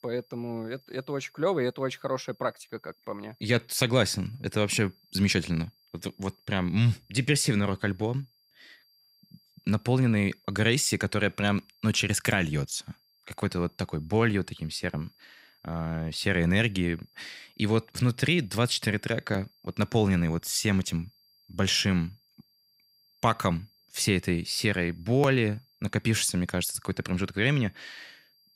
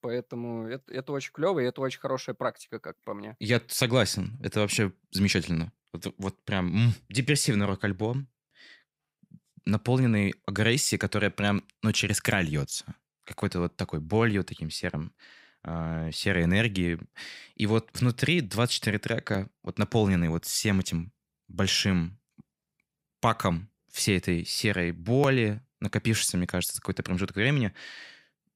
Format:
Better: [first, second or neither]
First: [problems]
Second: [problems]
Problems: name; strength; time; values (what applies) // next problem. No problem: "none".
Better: second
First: high-pitched whine; faint; throughout; 4.5 kHz, 35 dB below the speech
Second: none